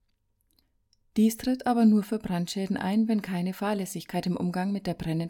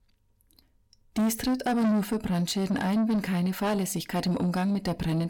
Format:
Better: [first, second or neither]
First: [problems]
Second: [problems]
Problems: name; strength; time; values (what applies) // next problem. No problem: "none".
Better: first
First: none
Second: distortion; heavy; 7 dB below the speech